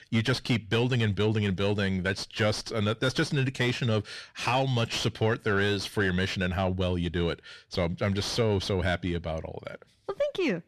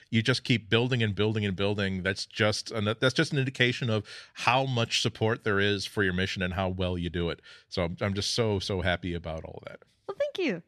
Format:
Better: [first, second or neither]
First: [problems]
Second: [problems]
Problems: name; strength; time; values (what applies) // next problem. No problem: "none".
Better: second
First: distortion; slight; 10 dB below the speech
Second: none